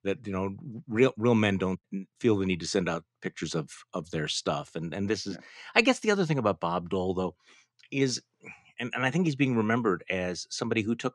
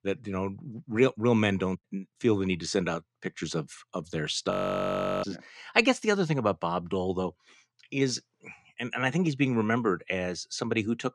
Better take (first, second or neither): first